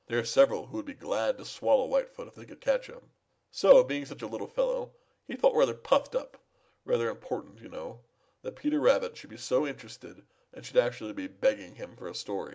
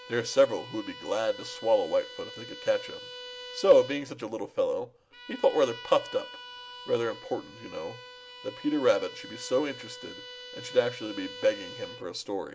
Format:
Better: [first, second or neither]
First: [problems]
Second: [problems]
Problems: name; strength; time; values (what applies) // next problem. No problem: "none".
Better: first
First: none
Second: background sound (Bowed string instrument); 15 dB below the speech